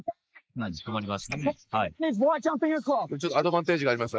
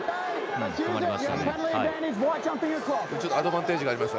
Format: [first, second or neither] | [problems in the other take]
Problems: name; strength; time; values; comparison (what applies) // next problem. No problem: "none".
second | noise reduction (neural mask model Resemble Enhance denoiser)